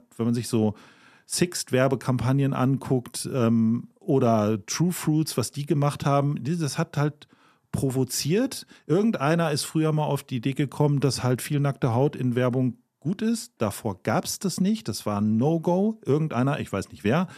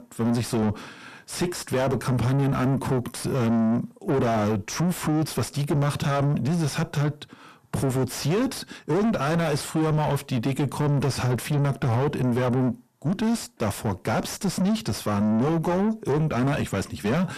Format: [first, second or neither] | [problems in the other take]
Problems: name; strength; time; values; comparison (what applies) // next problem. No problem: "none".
first | distortion; heavy; 6 dB below the speech